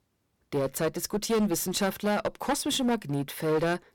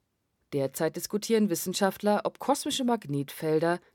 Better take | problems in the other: second | distortion; heavy; 11% of the sound clipped

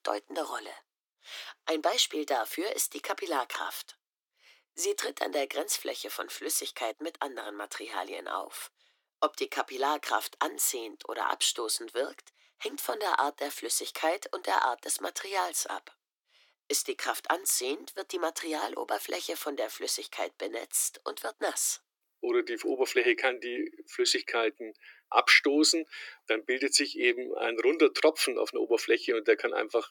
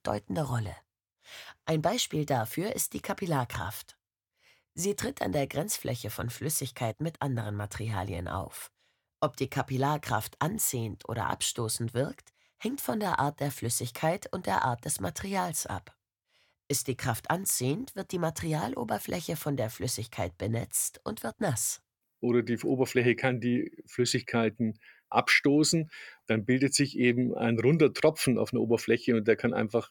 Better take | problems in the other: second | thin; very; fading below 300 Hz

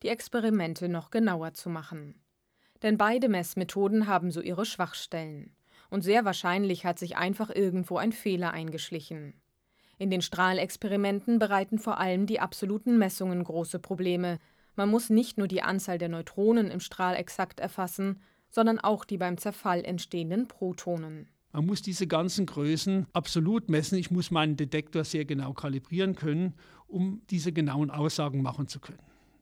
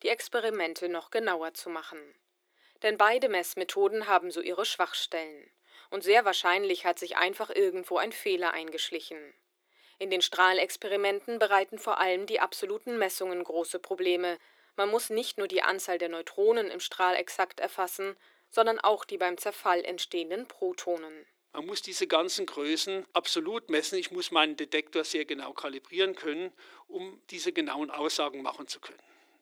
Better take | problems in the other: first | thin; very; fading below 350 Hz

